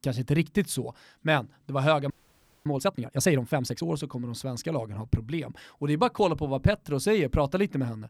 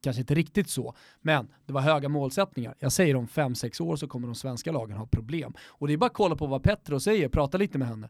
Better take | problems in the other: second | audio freezing; at 2 s for 0.5 s

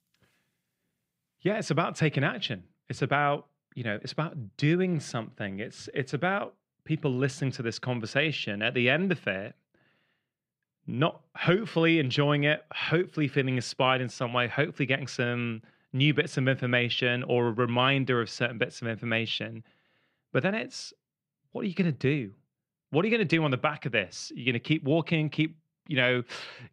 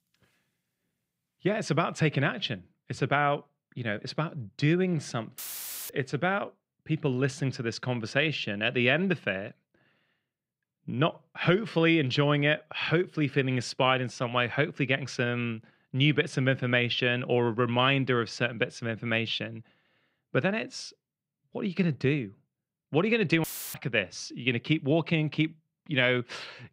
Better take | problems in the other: first | audio cutting out; filled with static; at 5.5 s for 0.5 s and at 23 s

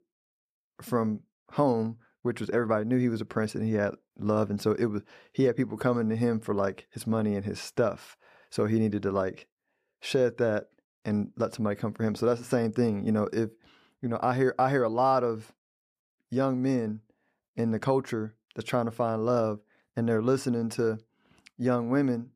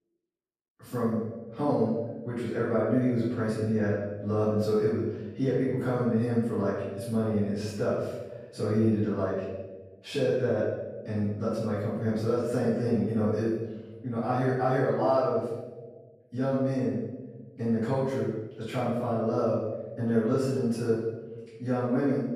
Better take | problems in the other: first | off-mic speech; far // room echo; strong; dies away in 1.1 s

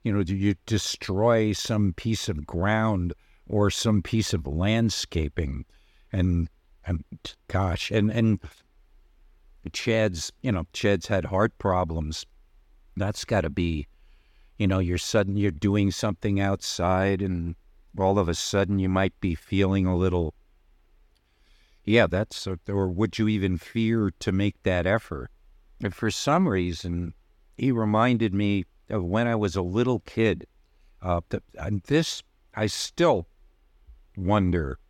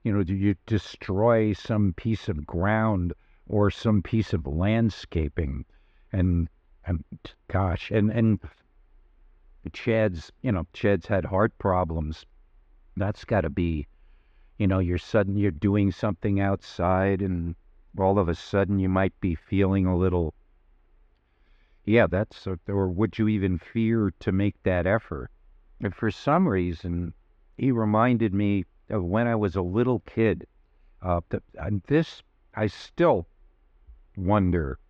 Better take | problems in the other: first | muffled; very; fading above 2 kHz

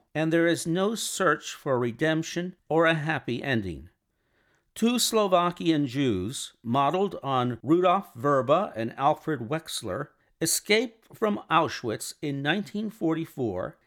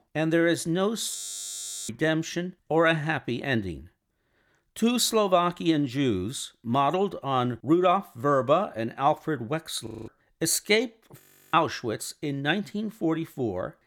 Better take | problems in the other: first | audio freezing; at 1 s for 0.5 s, at 10 s and at 11 s

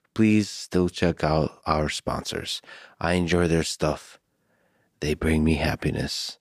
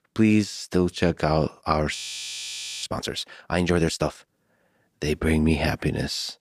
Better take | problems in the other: first | audio freezing; at 2 s for 1 s

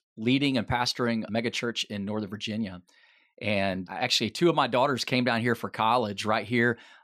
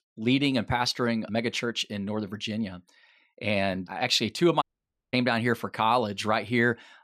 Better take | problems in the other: first | audio cutting out; at 4.5 s for 0.5 s

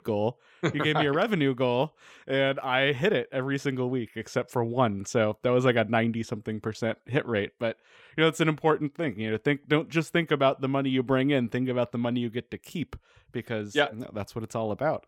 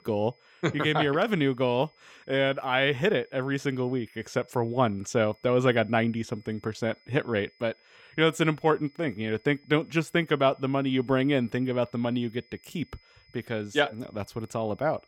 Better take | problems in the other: first | high-pitched whine; faint; throughout; 5 kHz, 35 dB below the speech

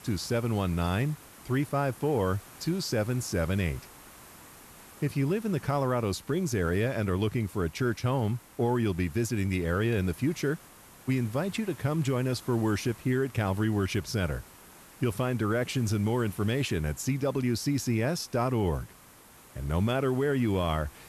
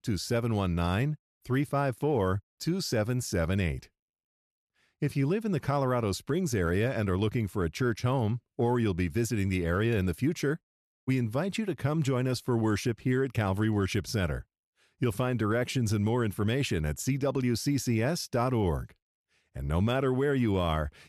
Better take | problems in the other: second | hiss; faint; throughout; 20 dB below the speech

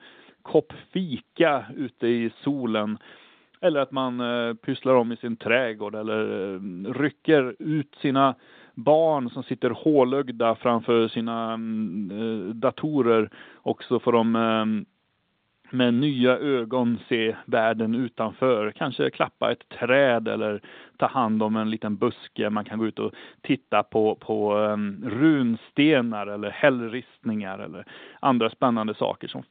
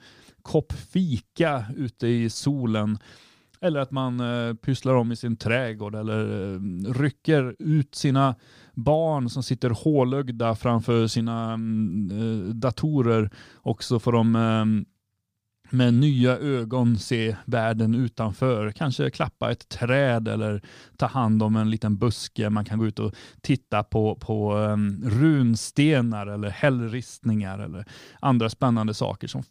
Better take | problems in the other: second | phone-call audio; nothing above 3.5 kHz

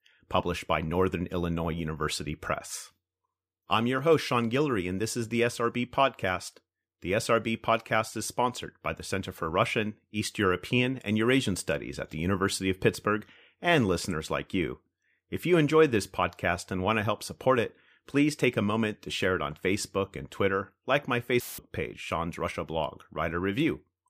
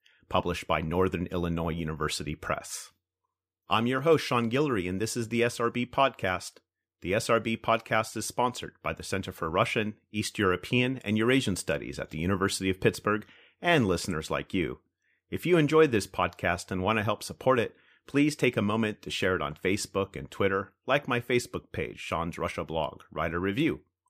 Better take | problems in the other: second | audio cutting out; filled with static; at 21 s

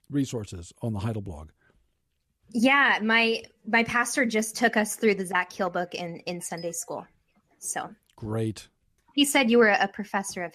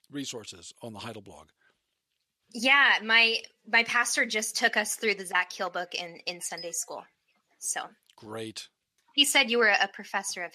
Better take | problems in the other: first | thin; somewhat; fading below 700 Hz

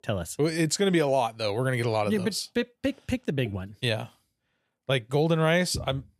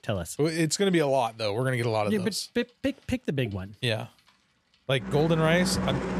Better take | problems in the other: first | traffic noise; loud; throughout; 6 dB below the speech

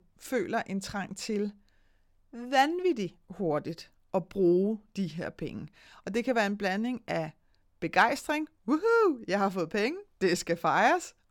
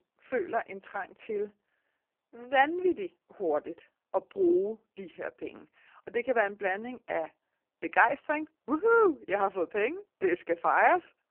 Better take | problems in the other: first | phone-call audio; poor line; nothing above 3 kHz

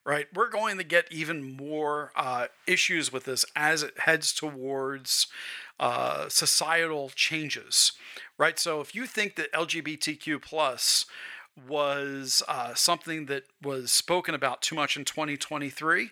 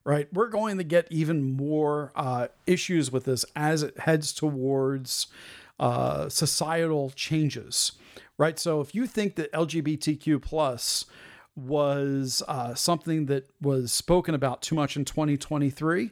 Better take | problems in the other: second | thin; somewhat; fading below 1 kHz

